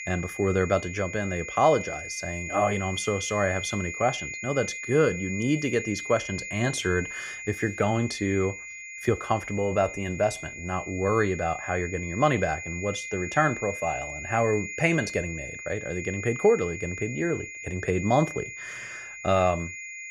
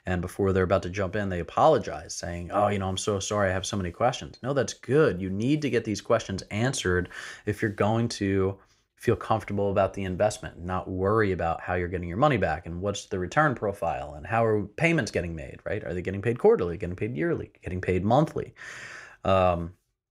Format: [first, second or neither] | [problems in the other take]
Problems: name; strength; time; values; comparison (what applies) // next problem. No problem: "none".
second | high-pitched whine; loud; throughout; 2 kHz, 8 dB below the speech